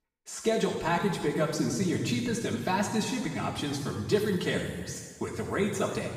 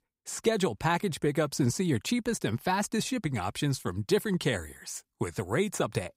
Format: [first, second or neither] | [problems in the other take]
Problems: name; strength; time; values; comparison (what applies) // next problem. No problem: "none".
second | room echo; noticeable; dies away in 1.4 s // off-mic speech; far